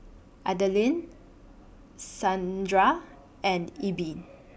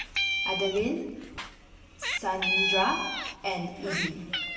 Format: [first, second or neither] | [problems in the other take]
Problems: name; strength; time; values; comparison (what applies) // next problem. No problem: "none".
first | background sound (Meow); as loud as the speech // room echo; dies away in 1 s